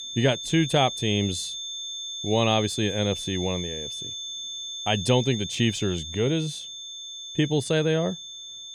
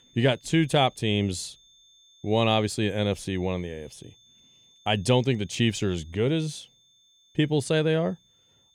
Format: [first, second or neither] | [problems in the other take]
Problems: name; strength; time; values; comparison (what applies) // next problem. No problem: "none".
second | high-pitched whine; loud; throughout; 3.5 kHz, 7 dB below the speech; faint in the second